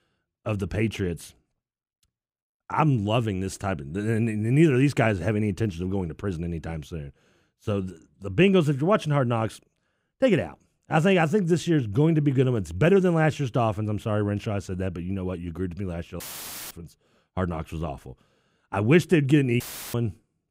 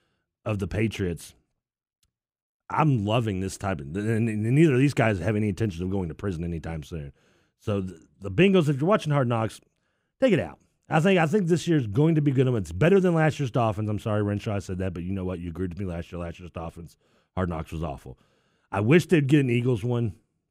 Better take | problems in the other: second | audio cutting out; filled with static; at 16 s for 0.5 s and at 20 s

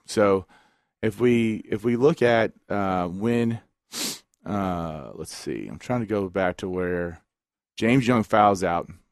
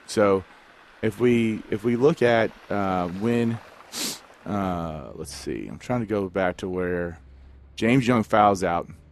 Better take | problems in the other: first | traffic noise; faint; throughout; 25 dB below the speech

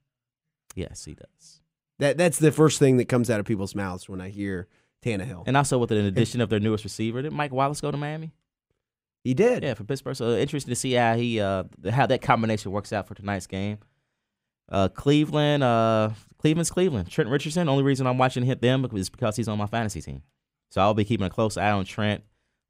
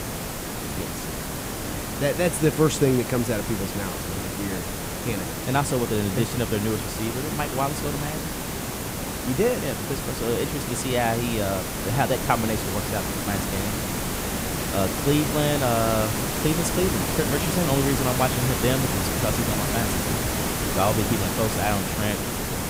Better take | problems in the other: first | hiss; loud; throughout; 1 dB below the speech

